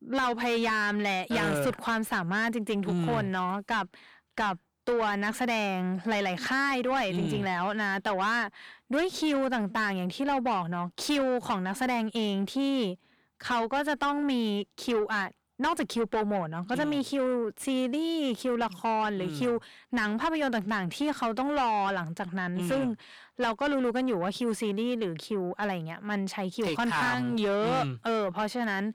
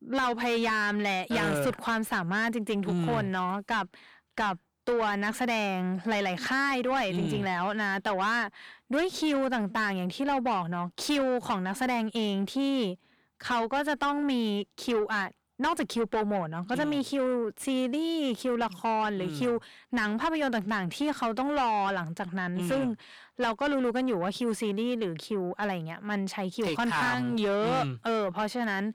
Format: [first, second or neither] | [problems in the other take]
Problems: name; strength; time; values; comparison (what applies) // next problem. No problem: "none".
neither | distortion; heavy; 8 dB below the speech; the same in both